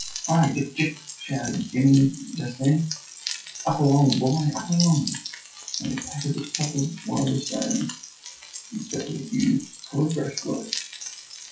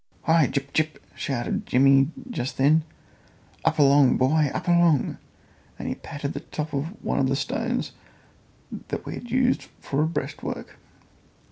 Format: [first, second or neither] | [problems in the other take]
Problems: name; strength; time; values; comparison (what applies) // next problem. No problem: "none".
second | noise reduction (classical method WPE with log-MMSE)